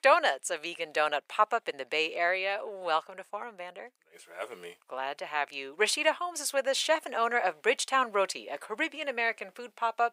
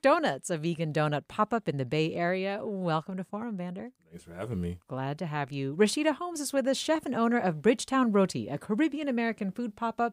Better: second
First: thin; very; fading below 550 Hz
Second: none

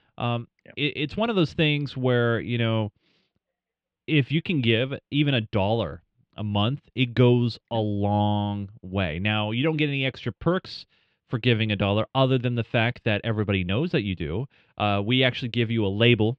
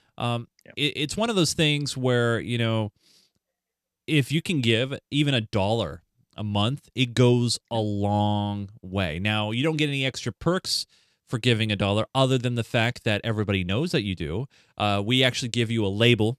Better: second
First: muffled; slightly; fading above 3 kHz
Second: none

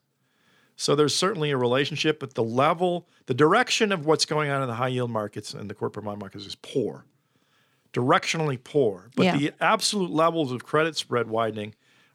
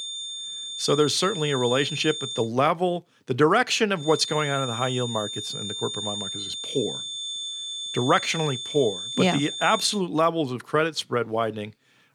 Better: first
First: none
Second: high-pitched whine; loud; until 2.5 s and from 4 to 10 s; 3.5 kHz, 6 dB below the speech

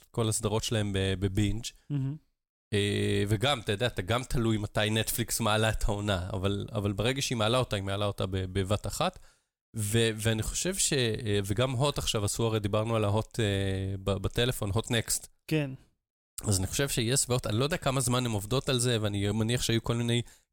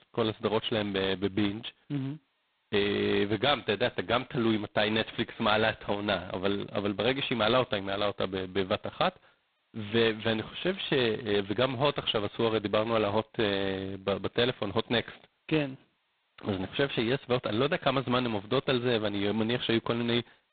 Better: first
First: none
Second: phone-call audio; poor line; nothing above 4 kHz

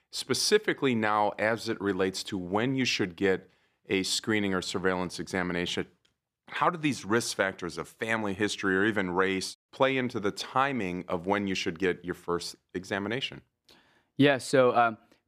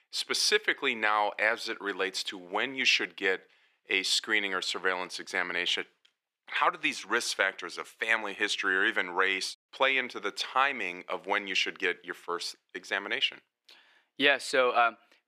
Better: first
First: none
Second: thin; somewhat; fading below 400 Hz

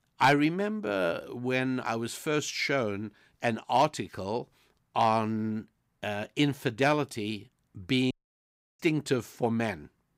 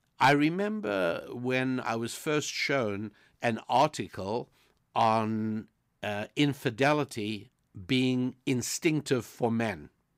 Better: second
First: audio cutting out; at 8 s for 0.5 s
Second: none

